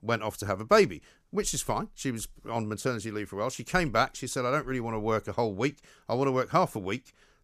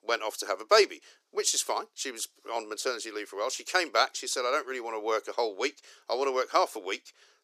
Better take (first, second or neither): first